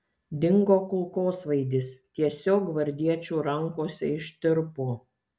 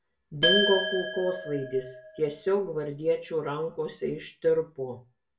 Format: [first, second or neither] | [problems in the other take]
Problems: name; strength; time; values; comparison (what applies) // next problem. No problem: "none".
first | background sound (Glass); 2 dB below the speech // room echo; dies away in 0.2 s